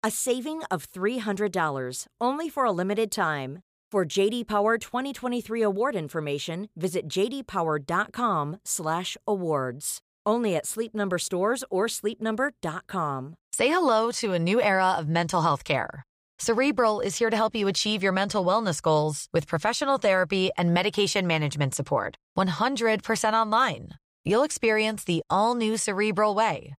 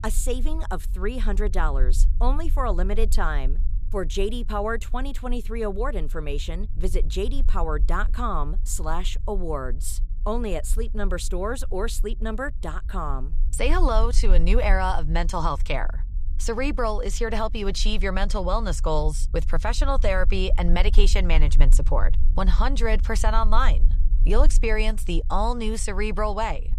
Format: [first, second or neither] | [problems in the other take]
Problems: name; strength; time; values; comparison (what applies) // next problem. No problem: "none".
first | low rumble; faint; throughout; 20 dB below the speech